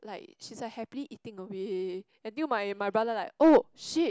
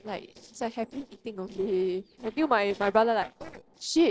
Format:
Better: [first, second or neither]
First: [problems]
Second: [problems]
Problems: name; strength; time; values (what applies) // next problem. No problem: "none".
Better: first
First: none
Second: noise reduction (neural separator model SepFormer DNS4)